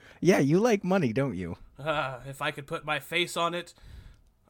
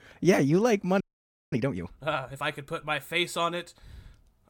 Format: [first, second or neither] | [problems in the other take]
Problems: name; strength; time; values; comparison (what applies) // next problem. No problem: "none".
first | audio freezing; at 1 s for 0.5 s